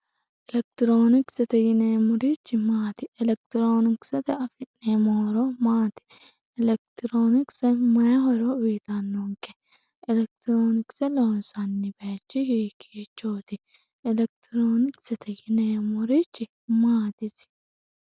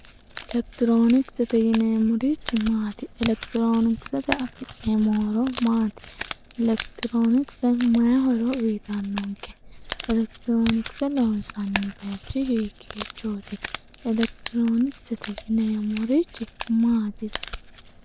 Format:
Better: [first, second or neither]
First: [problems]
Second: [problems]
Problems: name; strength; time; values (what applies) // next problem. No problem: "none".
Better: first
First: none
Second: background sound (Crumpling, crinkling); 14 dB below the speech